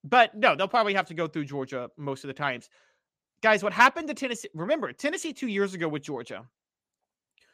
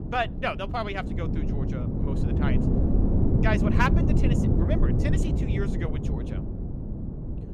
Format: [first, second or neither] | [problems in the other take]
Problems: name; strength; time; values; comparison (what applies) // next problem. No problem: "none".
first | wind noise on the microphone; heavy; 4 dB below the speech